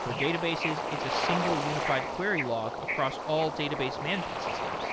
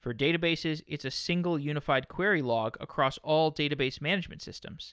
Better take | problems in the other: second | background sound (Bird / Ocean); as loud as the speech

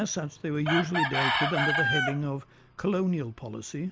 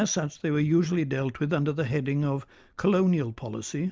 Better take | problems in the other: second | background sound (Chicken, rooster); 1 dB below the speech

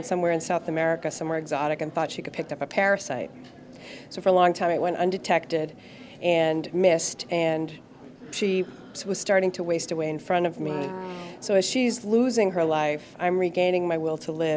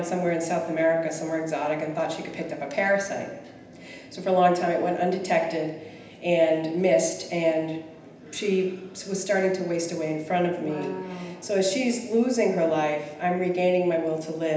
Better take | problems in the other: first | room echo; dies away in 0.9 s

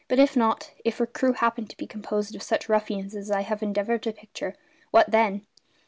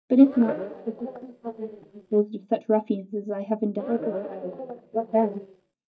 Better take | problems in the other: first | noise reduction (neural mask model DeepFilterNet 3)

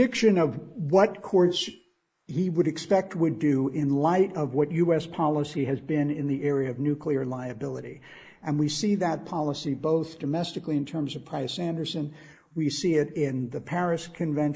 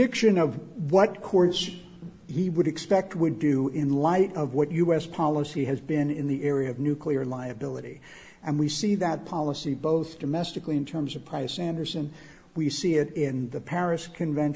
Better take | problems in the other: second | noise reduction (neural mask model Resemble Enhance denoiser)

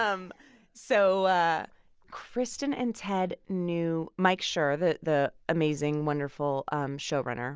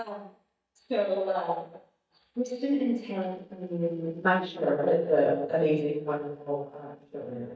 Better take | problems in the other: first | noise reduction (neural mask model DeepFilterNet 3)

